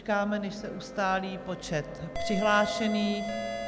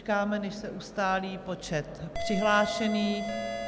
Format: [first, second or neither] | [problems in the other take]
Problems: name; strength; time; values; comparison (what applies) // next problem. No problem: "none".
second | background sound (Wind instrument, woodwind instrument); 19 dB below the speech